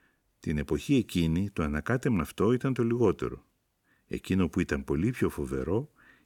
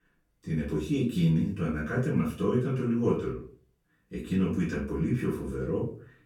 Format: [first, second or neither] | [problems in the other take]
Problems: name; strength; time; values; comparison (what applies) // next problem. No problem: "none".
first | off-mic speech; far // room echo; slight; dies away in 0.4 s